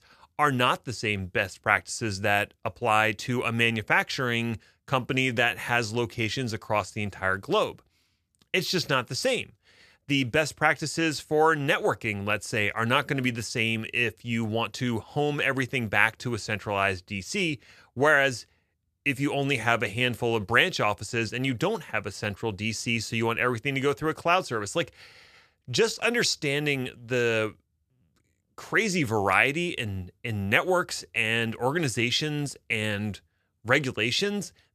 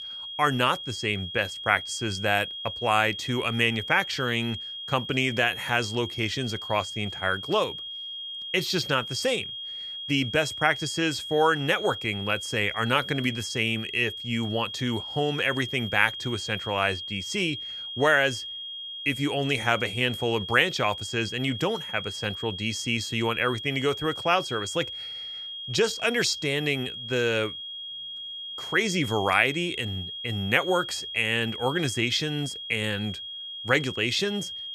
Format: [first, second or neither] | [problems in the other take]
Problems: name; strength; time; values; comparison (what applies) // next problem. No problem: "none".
first | high-pitched whine; loud; throughout; 3.5 kHz, 8 dB below the speech